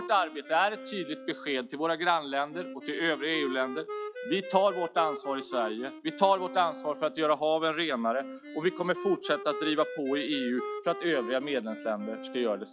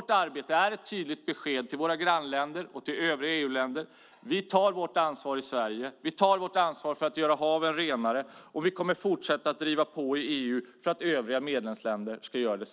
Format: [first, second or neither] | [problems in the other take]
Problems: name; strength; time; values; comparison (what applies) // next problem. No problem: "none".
second | noise reduction (classical method log-MMSE)